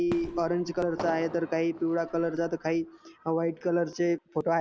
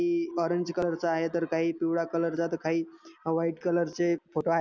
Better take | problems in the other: second | background sound (Fireworks + Fireworks); 15 dB below the speech

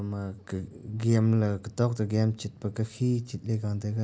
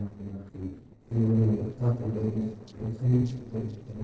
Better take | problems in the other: first | noise reduction (neural separator model SepFormer DNS4)

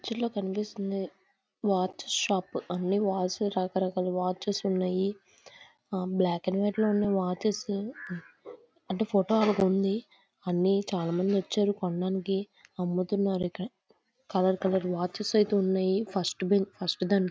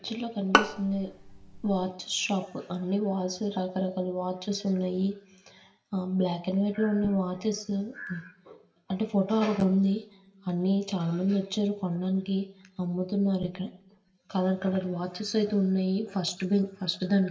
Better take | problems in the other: first | background sound (Bowed string instrument); 1 dB below the speech // room echo; dies away in 0.6 s

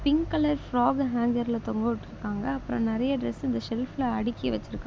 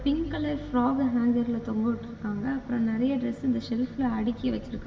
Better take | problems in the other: first | room echo; dies away in 1.7 s

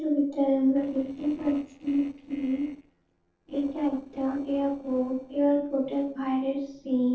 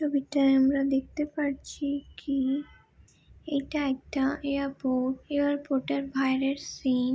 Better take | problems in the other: second | noise reduction (neural separator model SepFormer DNS4)

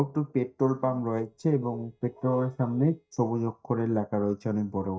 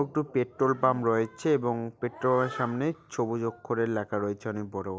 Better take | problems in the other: second | noise reduction (neural mask model DeepFilterNet 3)

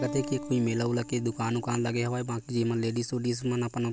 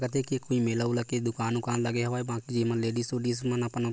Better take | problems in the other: second | background sound (Acoustic guitar); 14 dB below the speech

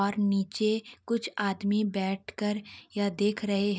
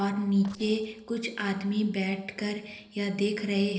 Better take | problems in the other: first | noise reduction (neural separator model SepFormer DNS4)

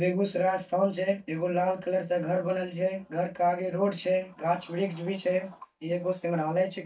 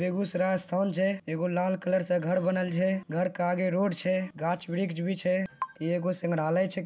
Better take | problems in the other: second | noise reduction (neural mask model DeepFilterNet 3)

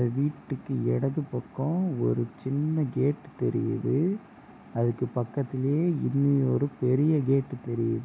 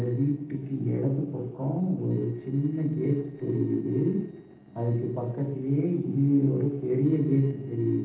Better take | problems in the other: first | noise reduction (neural separator model SepFormer DNS4)

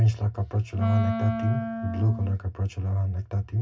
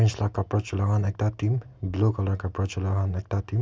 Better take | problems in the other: second | background sound (Wind instrument, woodwind instrument); 7 dB below the speech // room echo; dies away in 0.4 s

